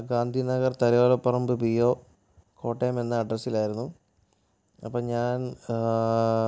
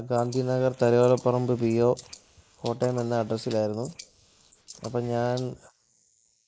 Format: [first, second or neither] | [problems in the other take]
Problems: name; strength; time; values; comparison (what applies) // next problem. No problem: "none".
first | noise reduction (neural mask model Resemble Enhance denoiser)